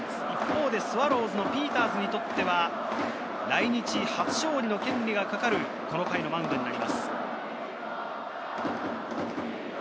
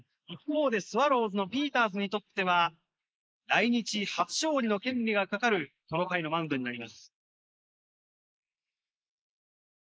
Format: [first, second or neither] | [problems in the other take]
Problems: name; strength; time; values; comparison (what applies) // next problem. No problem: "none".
first | noise reduction (neural mask model Resemble Enhance denoiser)